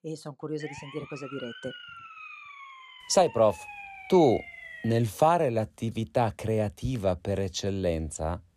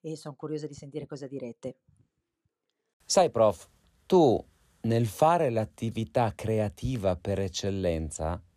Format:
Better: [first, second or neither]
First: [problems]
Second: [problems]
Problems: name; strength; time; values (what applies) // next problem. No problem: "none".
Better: second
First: siren; faint; from 0.5 to 5 s; peak 15 dB below the speech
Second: none